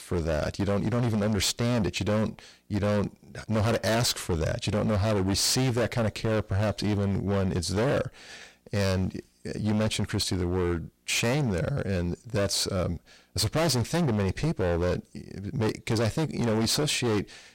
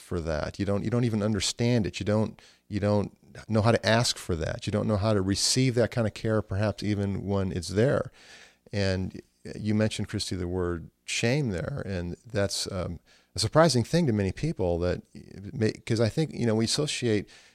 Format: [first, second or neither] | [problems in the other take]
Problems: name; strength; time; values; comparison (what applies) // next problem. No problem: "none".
second | distortion; heavy; 21% of the sound clipped